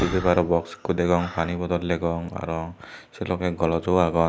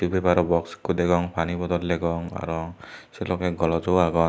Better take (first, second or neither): second